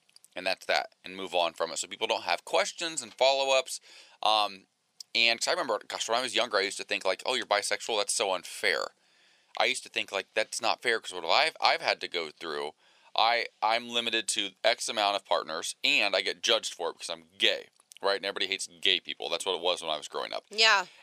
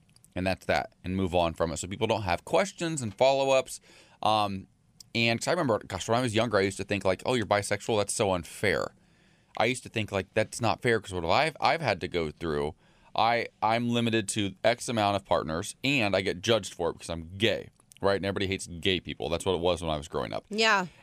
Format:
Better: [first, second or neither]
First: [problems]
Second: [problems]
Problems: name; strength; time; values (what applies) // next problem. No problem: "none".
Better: second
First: thin; somewhat; fading below 500 Hz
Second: none